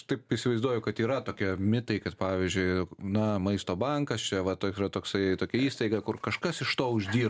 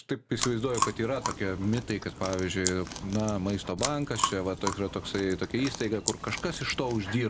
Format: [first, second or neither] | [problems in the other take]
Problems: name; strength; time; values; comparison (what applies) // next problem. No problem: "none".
first | background sound (Chewing, mastication); 6 dB below the speech